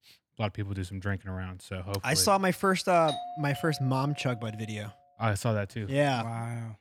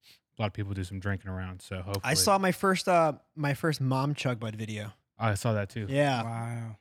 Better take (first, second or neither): second